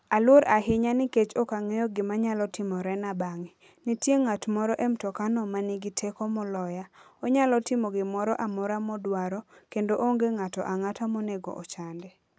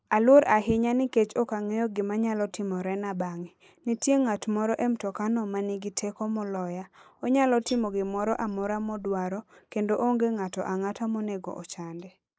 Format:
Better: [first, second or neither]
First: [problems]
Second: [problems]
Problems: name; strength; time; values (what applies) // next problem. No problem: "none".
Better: first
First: none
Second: noise reduction (neural mask model Resemble Enhance denoiser)